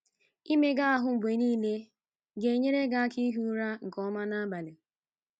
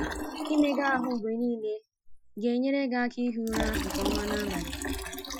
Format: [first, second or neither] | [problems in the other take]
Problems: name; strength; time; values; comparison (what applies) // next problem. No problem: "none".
first | noise reduction (classical method Wiener filter)